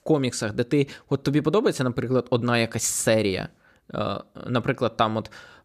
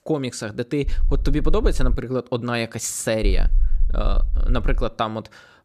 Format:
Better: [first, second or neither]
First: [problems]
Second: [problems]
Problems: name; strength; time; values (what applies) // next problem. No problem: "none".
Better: first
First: none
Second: low rumble; faint; from 1 to 2 s and from 3 to 5 s; 25 dB below the speech